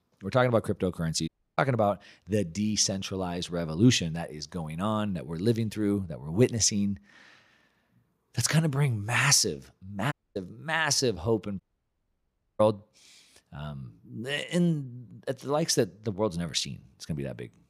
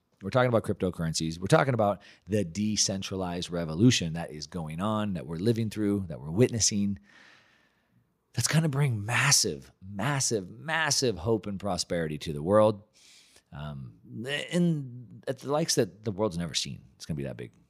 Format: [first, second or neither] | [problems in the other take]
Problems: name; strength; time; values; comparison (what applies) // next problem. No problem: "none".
second | audio cutting out; at 1.5 s, at 10 s and at 12 s for 1 s